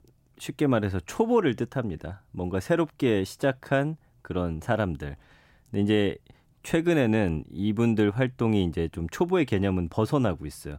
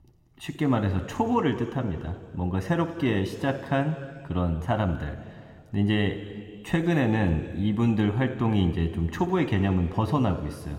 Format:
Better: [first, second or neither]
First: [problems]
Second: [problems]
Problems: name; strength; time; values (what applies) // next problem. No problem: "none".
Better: first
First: none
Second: room echo; slight; dies away in 2.1 s